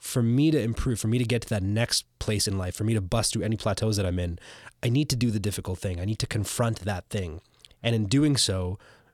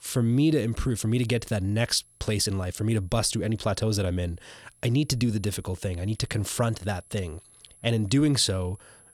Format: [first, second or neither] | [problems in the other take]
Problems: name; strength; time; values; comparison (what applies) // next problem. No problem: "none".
first | high-pitched whine; faint; throughout; 11 kHz, 30 dB below the speech